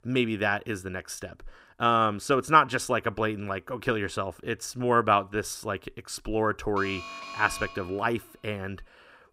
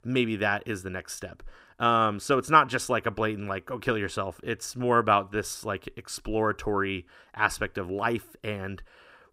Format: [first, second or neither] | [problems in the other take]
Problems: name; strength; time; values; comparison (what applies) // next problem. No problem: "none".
second | alarm; faint; from 7 to 8 s; peak 10 dB below the speech